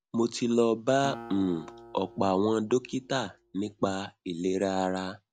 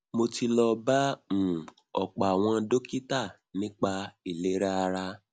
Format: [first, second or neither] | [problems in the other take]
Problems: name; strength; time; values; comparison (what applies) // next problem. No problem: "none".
second | background sound (Acoustic guitar); 18 dB below the speech